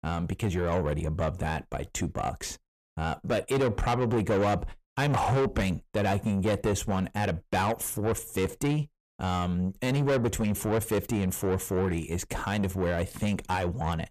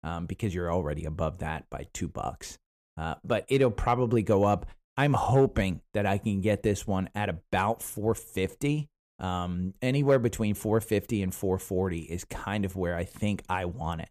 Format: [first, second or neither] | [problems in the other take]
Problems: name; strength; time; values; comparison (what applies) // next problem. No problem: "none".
second | distortion; heavy; 8 dB below the speech